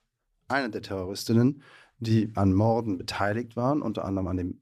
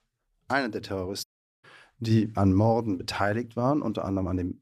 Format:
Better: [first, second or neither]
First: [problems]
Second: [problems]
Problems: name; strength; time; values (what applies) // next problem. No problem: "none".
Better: first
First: none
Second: audio cutting out; at 1 s